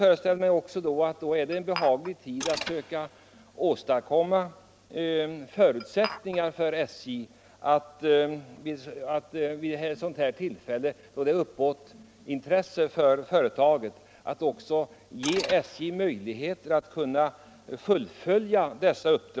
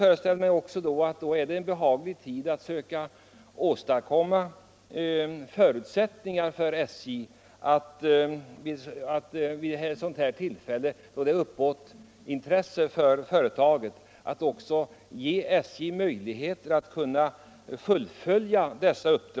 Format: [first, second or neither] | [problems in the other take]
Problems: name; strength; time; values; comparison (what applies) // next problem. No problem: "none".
second | background sound (Mechanisms + Glass); 13 dB below the speech